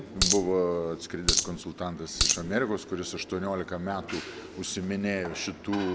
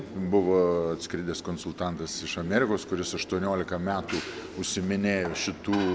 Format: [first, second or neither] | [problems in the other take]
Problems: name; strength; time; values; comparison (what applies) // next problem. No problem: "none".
second | background sound (Coin (dropping)); 4 dB above the speech